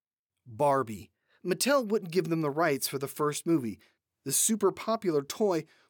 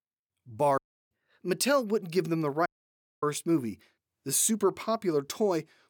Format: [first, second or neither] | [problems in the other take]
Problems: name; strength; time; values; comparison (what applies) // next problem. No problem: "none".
first | audio cutting out; at 1 s and at 2.5 s for 0.5 s